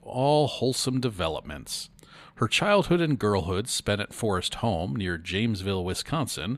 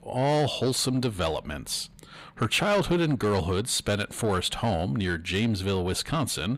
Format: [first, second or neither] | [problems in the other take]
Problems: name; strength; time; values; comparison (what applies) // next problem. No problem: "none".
first | distortion; slight; 10 dB below the speech